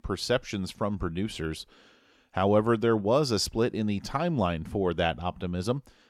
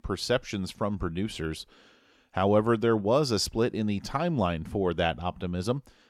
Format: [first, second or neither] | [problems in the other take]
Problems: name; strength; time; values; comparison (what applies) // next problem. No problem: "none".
neither | none